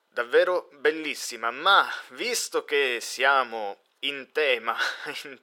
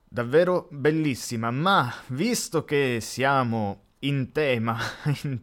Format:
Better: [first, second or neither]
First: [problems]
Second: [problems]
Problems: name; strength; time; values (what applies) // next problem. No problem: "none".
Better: second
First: thin; very; fading below 400 Hz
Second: none